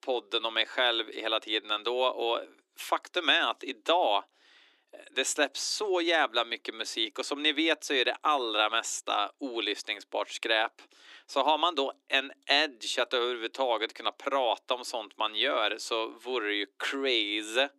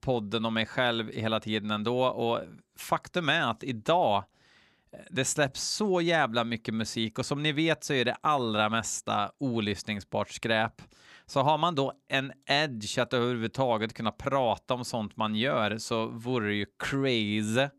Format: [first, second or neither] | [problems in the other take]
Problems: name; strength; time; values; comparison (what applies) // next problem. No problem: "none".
second | thin; somewhat; fading below 300 Hz